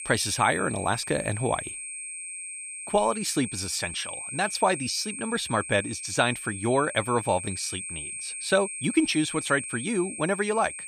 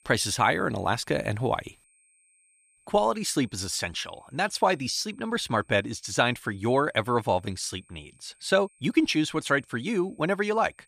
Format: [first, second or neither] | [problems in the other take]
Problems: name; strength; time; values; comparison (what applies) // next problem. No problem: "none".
second | high-pitched whine; loud; throughout; 8.5 kHz, 7 dB below the speech; faint in the second